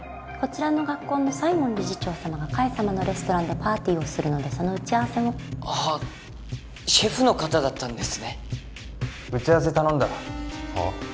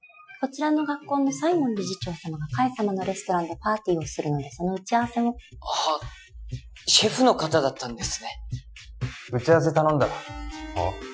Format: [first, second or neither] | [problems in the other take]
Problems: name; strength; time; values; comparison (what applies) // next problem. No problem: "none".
first | noise reduction (classical method Wiener filter)